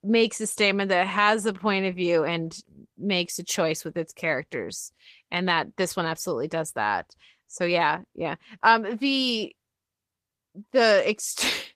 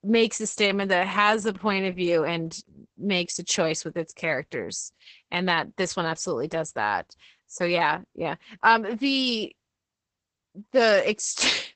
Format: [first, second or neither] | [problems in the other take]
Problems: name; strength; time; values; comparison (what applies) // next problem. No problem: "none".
first | garbled, watery; badly; nothing above 8 kHz; slightly in the first